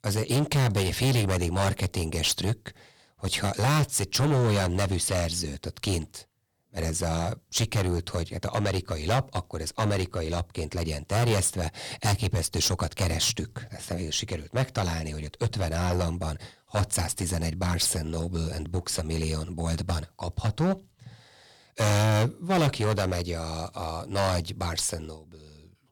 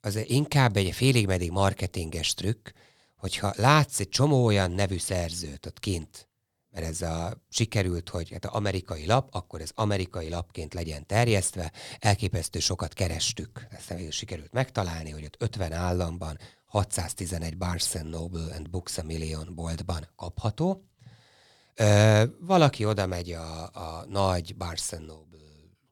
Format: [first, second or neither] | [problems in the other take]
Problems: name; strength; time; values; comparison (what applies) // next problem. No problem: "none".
second | distortion; heavy; 9% of the sound clipped